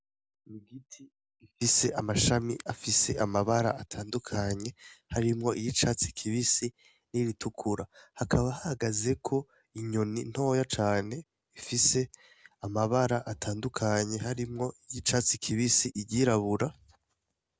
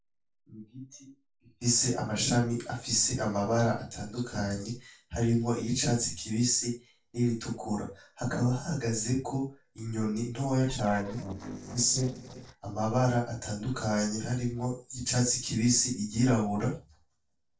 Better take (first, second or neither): first